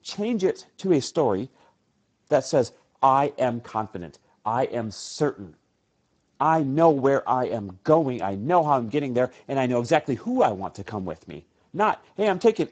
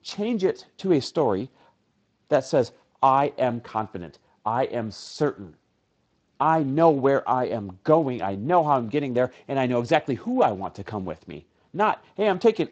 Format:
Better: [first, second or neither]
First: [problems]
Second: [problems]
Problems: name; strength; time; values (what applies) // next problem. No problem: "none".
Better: second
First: garbled, watery; badly; nothing above 8 kHz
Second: garbled, watery; slightly; nothing above 8 kHz